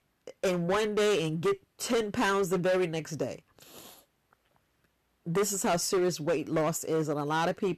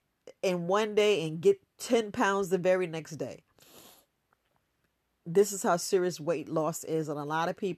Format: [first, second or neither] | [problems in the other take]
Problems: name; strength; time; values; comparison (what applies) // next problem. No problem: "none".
second | distortion; heavy; 12% of the sound clipped